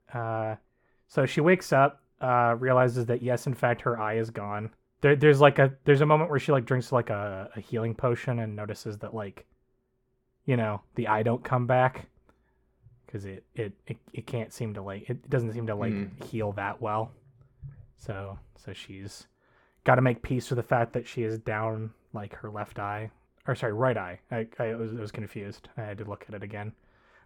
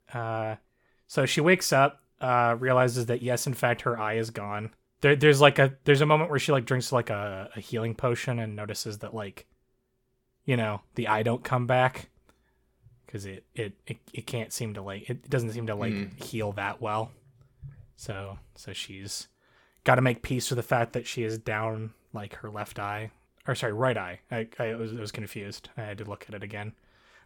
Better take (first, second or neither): second